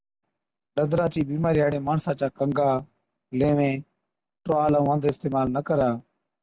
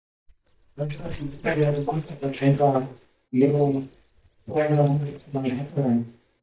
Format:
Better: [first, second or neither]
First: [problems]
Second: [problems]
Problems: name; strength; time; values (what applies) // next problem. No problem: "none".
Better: first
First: none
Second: noise reduction (neural mask model DeepFilterNet 3)